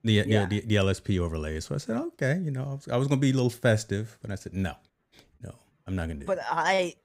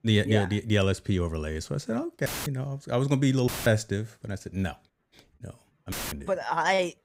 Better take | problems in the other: first | audio cutting out; filled with static; at 2.5 s, at 3.5 s and at 6 s

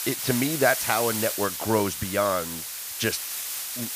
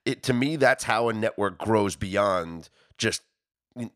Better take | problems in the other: second | hiss; loud; throughout; 3 dB below the speech

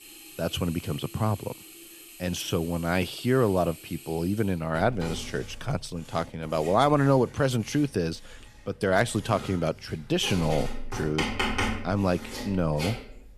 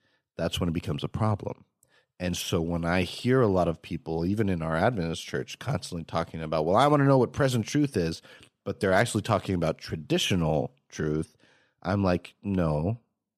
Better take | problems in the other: second | household noises; loud; throughout; 10 dB below the speech

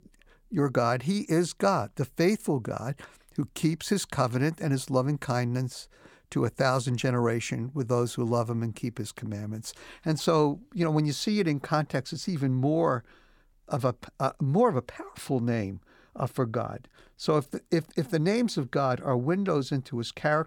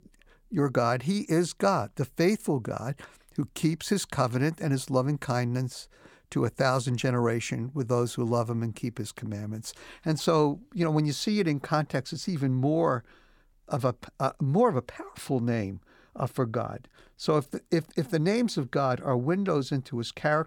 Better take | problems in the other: neither | none

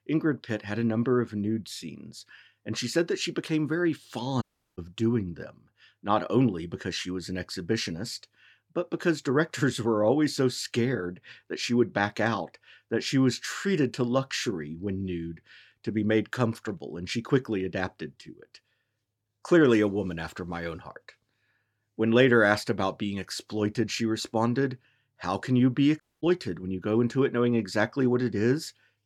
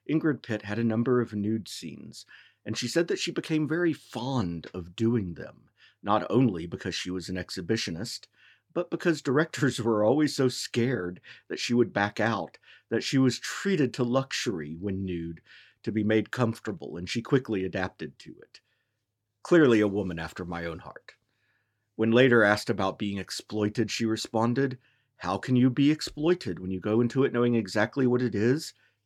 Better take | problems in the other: second | audio cutting out; at 4.5 s and at 26 s

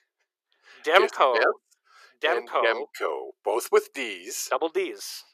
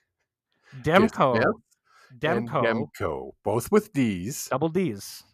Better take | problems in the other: second | thin; very; fading below 350 Hz

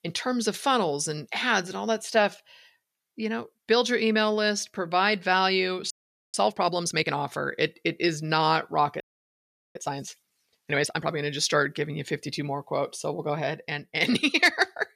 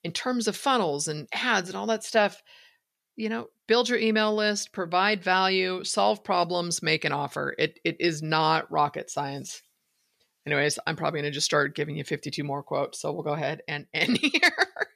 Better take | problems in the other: second | audio freezing; at 6 s and at 9 s for 1 s

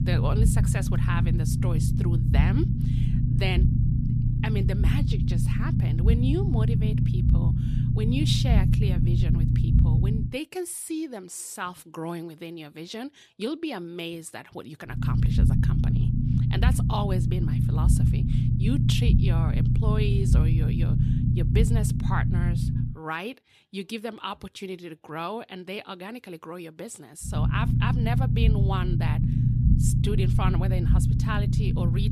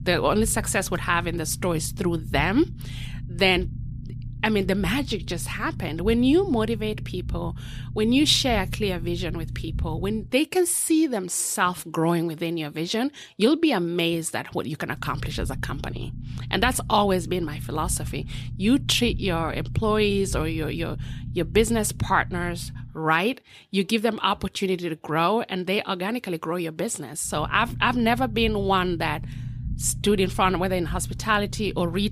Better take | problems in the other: second | low rumble; loud; until 10 s, from 15 to 23 s and from 27 s on; 1 dB below the speech; faint in the second

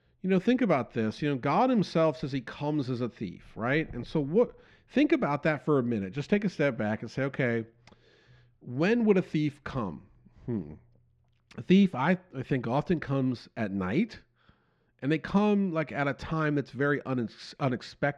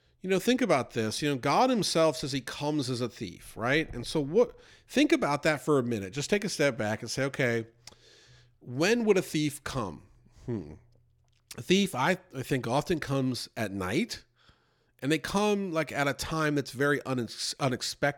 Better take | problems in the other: second | muffled; slightly; fading above 2.5 kHz

